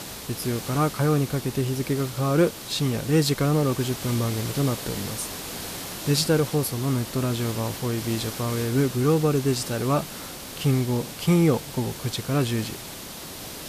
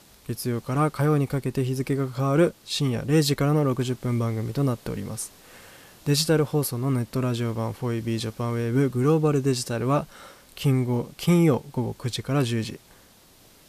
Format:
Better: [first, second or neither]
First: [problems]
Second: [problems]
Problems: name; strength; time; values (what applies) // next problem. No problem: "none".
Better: second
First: hiss; loud; throughout; 10 dB below the speech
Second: hiss; faint; throughout; 25 dB below the speech